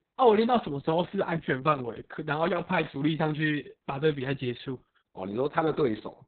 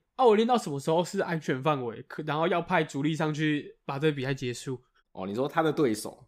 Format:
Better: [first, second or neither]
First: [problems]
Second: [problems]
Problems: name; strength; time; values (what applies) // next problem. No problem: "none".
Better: second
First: garbled, watery; badly; nothing above 4 kHz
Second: none